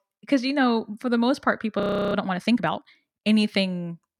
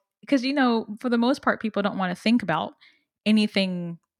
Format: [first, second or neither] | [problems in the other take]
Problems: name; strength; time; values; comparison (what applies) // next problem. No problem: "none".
second | audio freezing; at 2 s